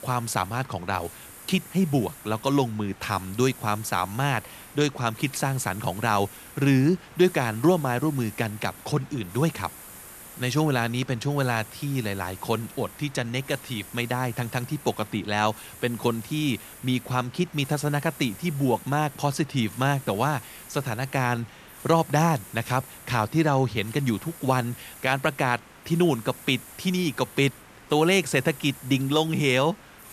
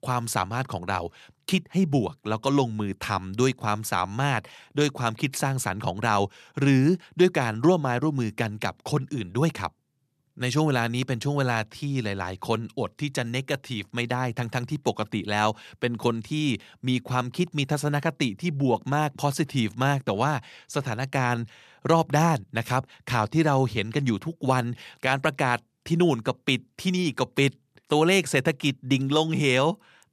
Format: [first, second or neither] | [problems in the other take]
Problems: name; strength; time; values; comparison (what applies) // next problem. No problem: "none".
second | hiss; noticeable; throughout; 15 dB below the speech